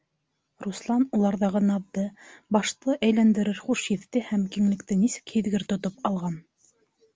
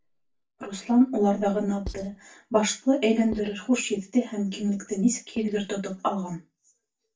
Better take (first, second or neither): first